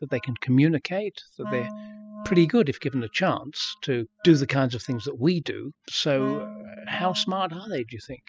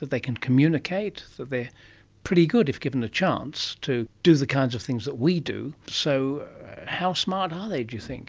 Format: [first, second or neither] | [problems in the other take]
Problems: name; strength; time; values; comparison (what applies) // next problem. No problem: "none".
second | noise reduction (classical method spectral subtraction)